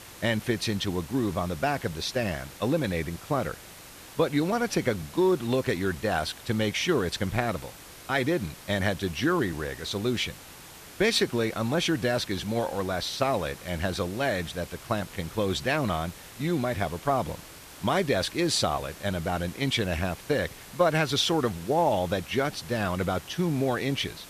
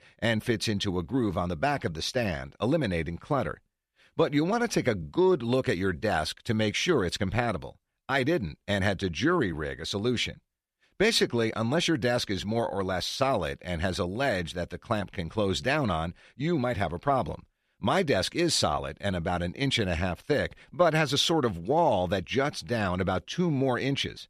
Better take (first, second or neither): second